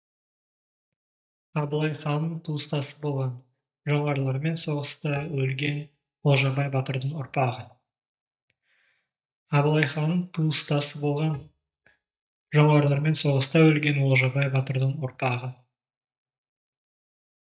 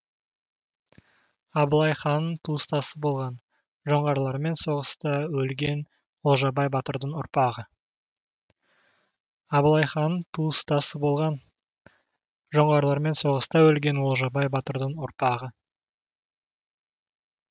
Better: second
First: noise reduction (neural mask model DeepFilterNet 3)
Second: none

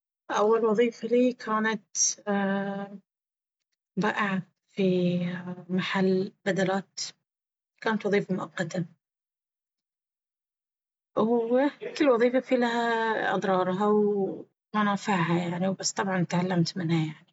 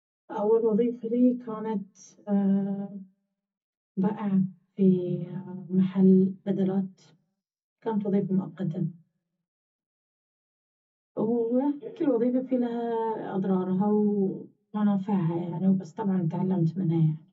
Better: first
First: none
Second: room echo; dies away in 0.3 s

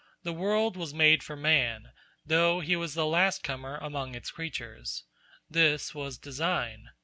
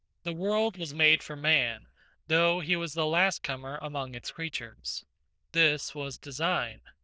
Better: first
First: none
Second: noise reduction (neural diffusion model UNIVERSE++)

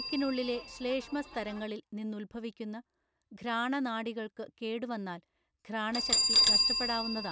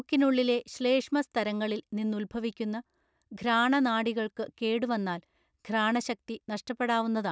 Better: second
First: background sound (Bell); 2 dB above the speech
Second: none

